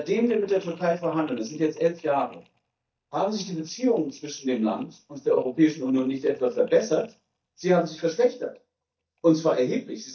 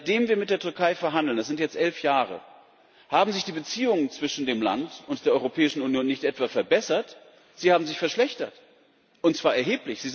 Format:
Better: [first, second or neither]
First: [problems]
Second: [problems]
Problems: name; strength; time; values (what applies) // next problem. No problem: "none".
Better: second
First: noise reduction (neural mask model DeepFilterNet 3)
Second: none